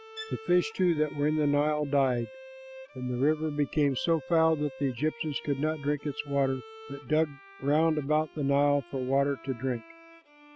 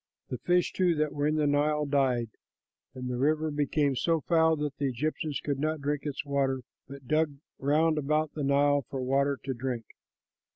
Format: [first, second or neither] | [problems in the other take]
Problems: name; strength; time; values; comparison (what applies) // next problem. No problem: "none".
second | background sound (Bowed string instrument + Bowed string instrument); 19 dB below the speech